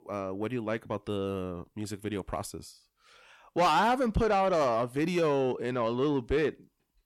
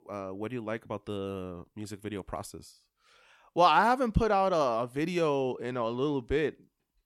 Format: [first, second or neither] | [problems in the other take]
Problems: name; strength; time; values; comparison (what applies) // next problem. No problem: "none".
second | distortion; slight; 10 dB below the speech